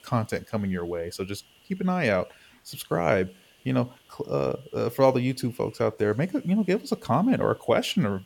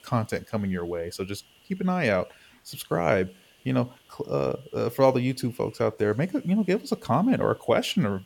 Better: neither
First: hiss; faint; throughout; 30 dB below the speech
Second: hiss; faint; throughout; 30 dB below the speech

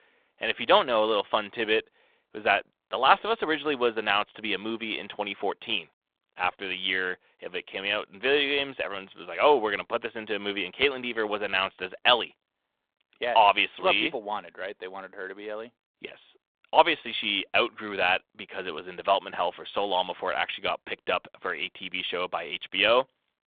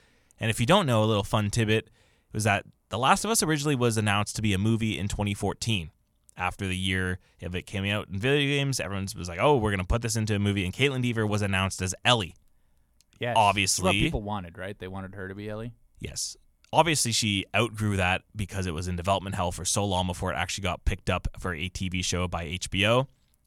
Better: second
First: phone-call audio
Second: none

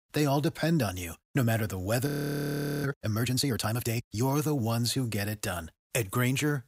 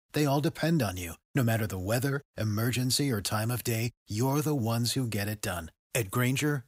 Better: second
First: audio freezing; at 2 s for 1 s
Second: none

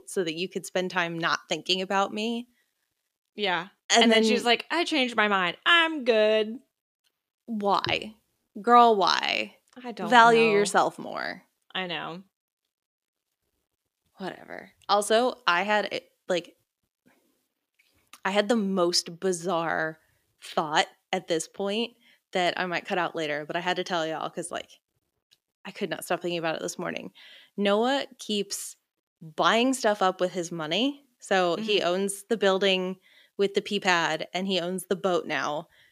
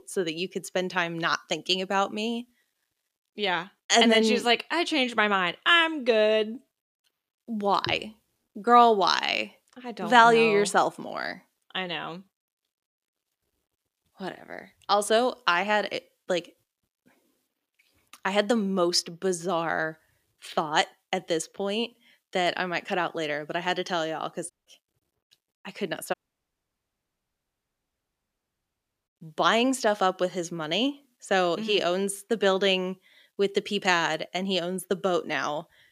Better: first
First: none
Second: audio cutting out; at 25 s and at 26 s for 3 s

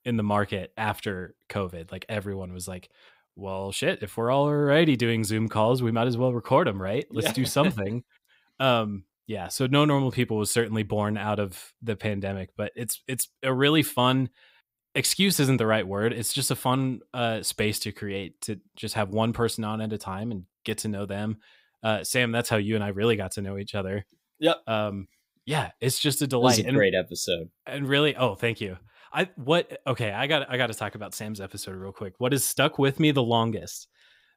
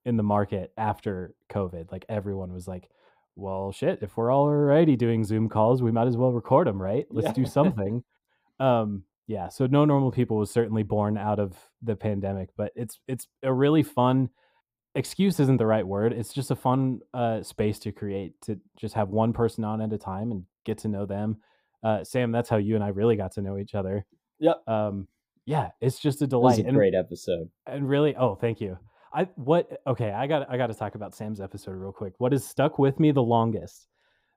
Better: first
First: none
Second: muffled; slightly; fading above 1.5 kHz

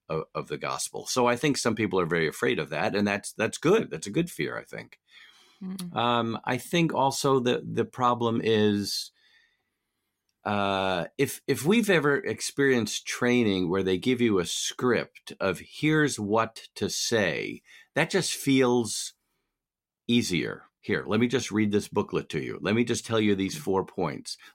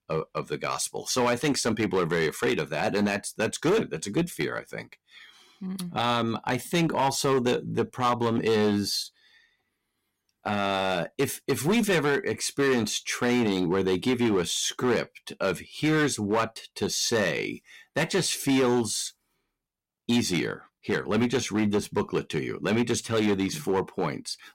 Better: first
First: none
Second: distortion; slight; 7% of the sound clipped

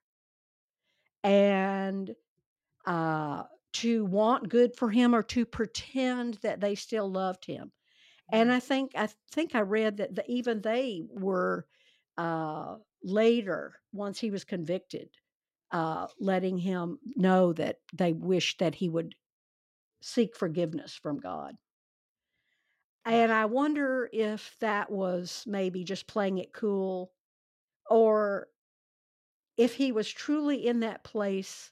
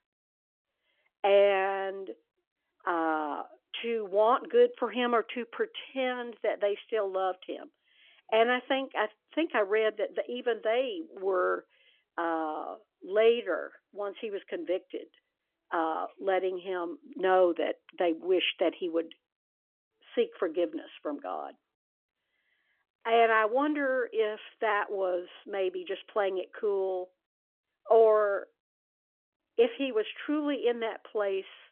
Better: first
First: none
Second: phone-call audio; nothing above 3.5 kHz

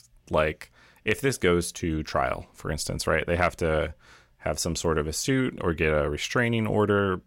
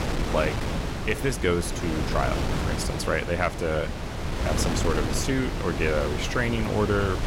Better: first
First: none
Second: wind noise on the microphone; heavy; 4 dB below the speech

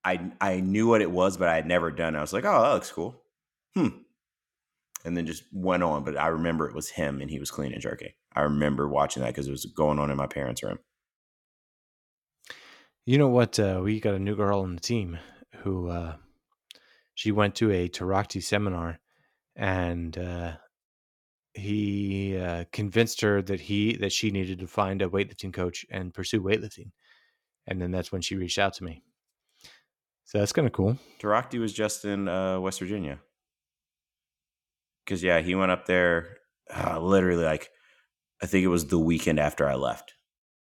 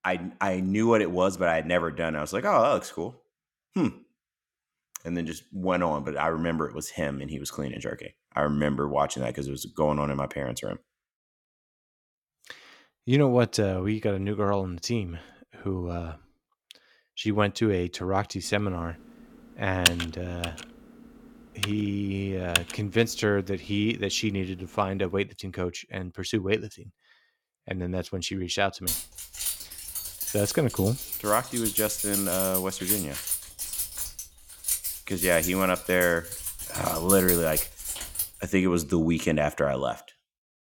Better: first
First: none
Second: keyboard typing; loud; from 20 to 23 s; peak 4 dB above the speech // jangling keys; loud; from 29 to 38 s; peak 4 dB above the speech

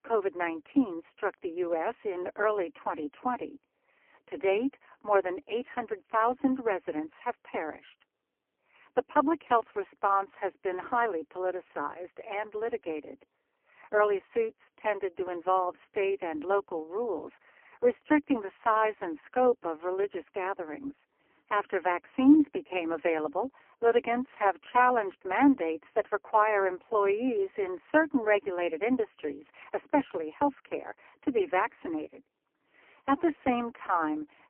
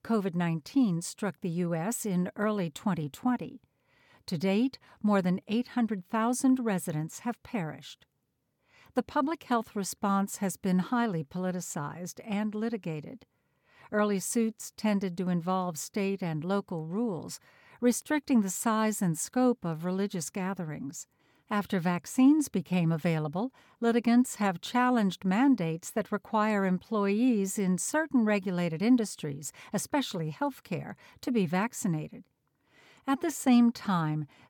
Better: second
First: phone-call audio; poor line; nothing above 3 kHz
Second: none

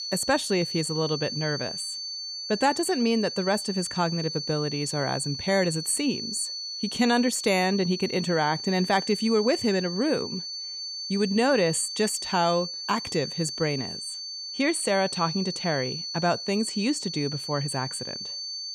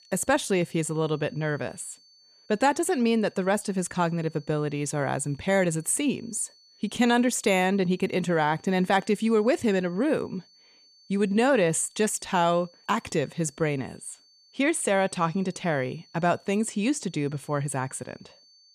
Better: second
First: high-pitched whine; loud; throughout; 4.5 kHz, 6 dB below the speech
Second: high-pitched whine; faint; throughout; 4.5 kHz, 30 dB below the speech

